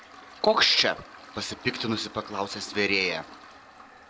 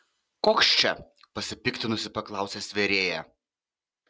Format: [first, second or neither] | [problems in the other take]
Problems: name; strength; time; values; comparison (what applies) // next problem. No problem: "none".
second | background sound (Toilet flush); 18 dB below the speech